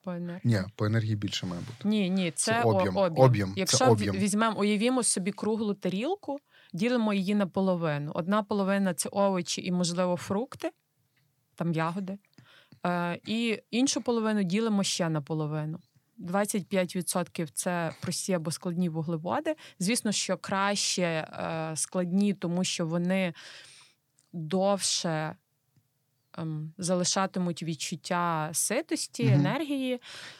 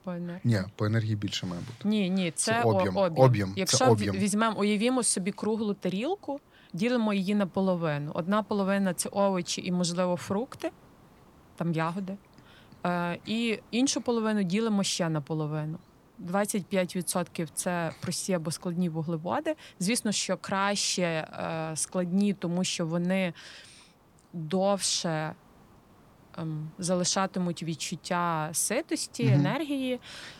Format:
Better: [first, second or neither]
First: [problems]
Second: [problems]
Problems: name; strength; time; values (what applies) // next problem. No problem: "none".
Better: first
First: none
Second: hiss; faint; throughout; 30 dB below the speech